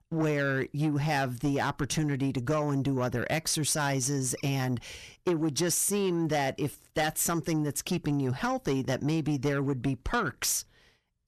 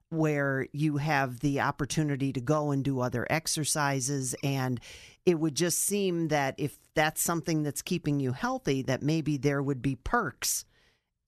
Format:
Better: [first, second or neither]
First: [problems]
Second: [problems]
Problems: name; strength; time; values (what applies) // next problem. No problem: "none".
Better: second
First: distortion; slight; 10 dB below the speech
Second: none